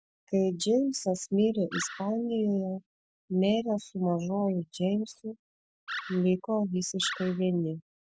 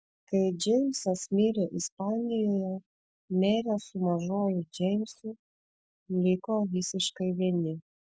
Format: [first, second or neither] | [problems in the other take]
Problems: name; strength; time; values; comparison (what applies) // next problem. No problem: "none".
second | background sound (Animal); 12 dB below the speech